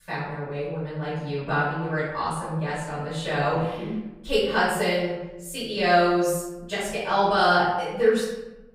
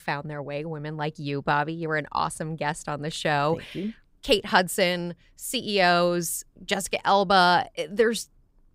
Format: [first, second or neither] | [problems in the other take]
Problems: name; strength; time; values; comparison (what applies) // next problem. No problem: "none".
second | off-mic speech; far // room echo; noticeable; dies away in 0.9 s